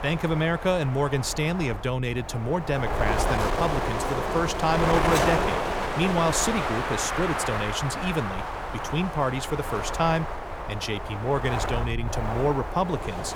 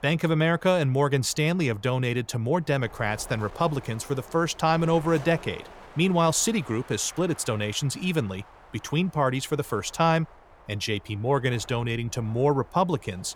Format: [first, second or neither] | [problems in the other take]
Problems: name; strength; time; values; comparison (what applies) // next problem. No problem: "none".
second | wind noise on the microphone; heavy; as loud as the speech; occasional gusts in the second